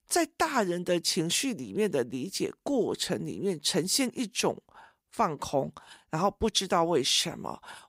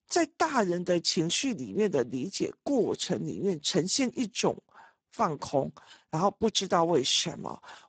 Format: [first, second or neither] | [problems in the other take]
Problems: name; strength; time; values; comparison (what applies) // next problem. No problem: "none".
first | garbled, watery; badly; nothing above 7.5 kHz